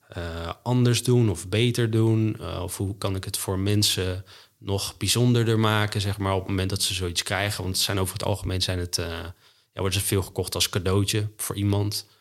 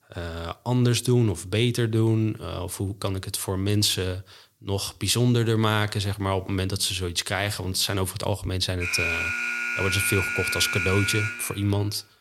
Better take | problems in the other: first | alarm; loud; from 9 to 12 s; peak 1 dB above the speech

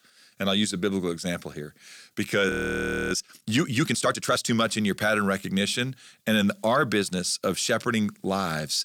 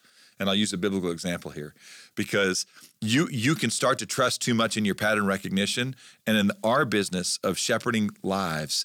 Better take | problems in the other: second | audio freezing; at 2.5 s for 0.5 s

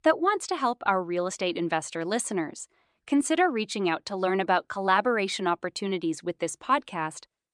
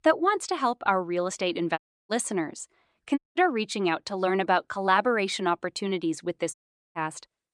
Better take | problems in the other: first | audio cutting out; at 2 s, at 3 s and at 6.5 s

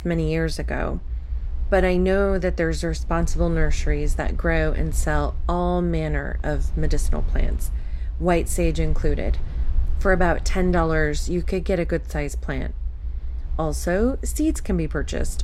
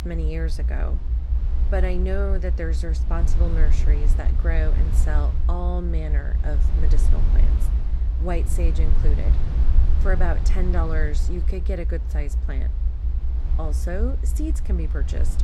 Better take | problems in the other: first | low rumble; loud; throughout; 8 dB below the speech; faint in the first

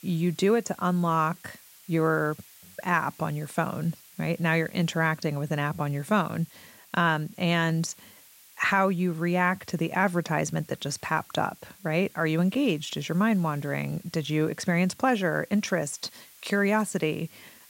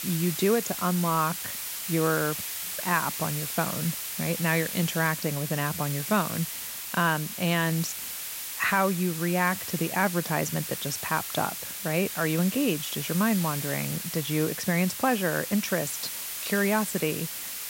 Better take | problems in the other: first | hiss; loud; throughout; 4 dB below the speech; faint in the first

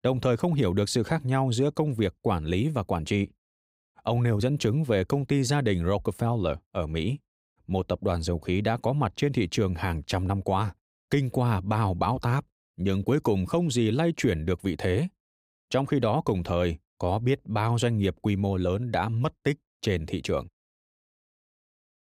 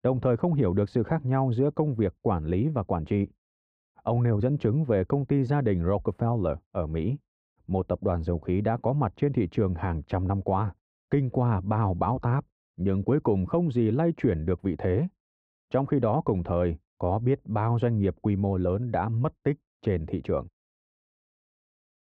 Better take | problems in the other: first | muffled; very; fading above 3.5 kHz

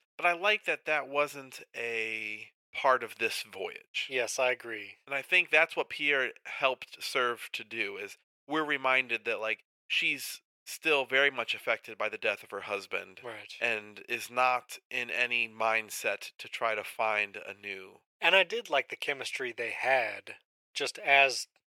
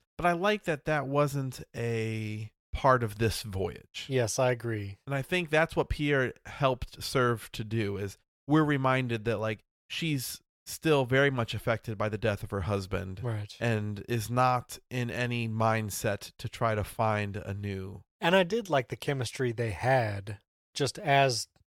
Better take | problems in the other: second | thin; very; fading below 500 Hz

